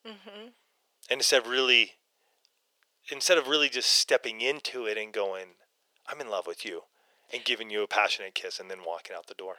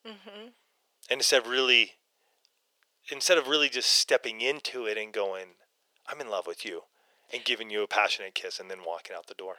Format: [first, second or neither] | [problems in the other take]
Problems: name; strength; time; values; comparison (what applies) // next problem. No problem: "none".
neither | thin; very; fading below 450 Hz; the same in both